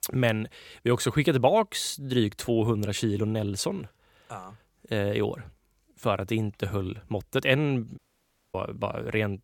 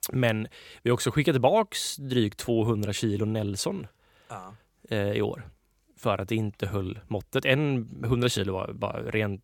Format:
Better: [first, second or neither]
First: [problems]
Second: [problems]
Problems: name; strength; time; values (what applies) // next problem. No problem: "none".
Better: second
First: audio cutting out; at 8 s for 0.5 s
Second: none